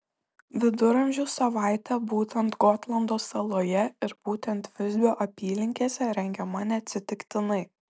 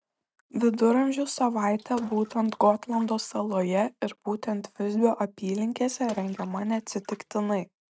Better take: first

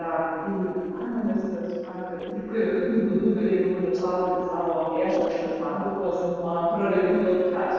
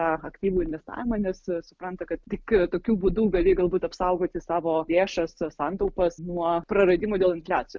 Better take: second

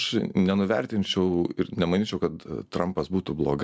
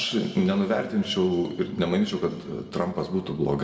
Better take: first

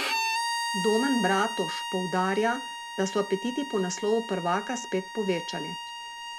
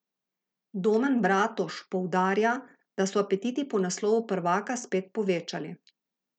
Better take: second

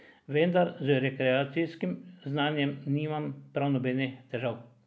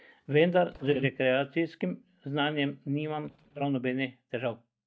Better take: first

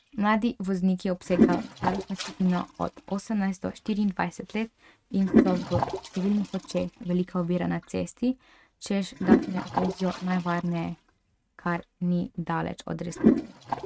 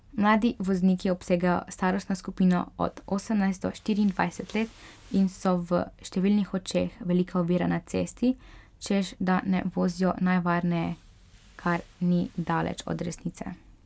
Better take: second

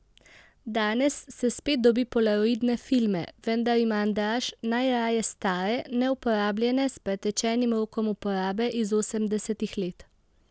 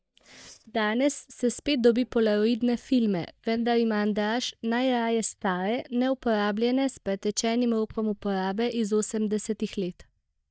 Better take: first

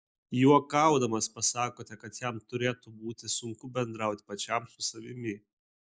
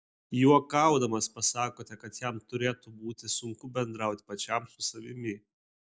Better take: second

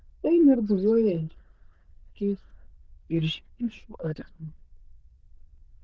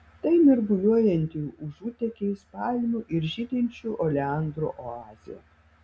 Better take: second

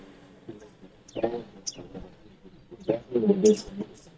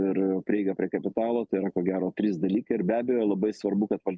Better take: second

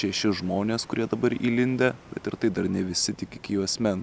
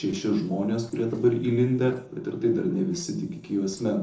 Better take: first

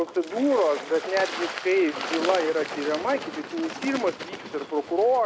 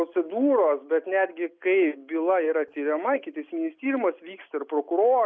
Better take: second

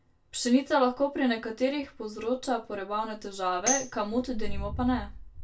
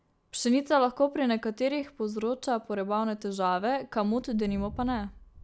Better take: second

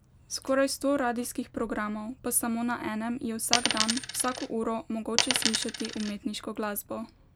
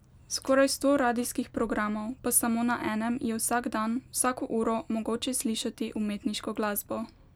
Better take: second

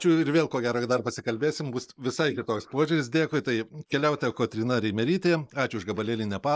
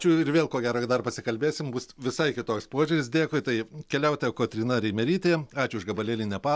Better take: second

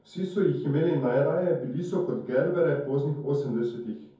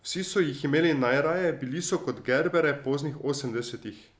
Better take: second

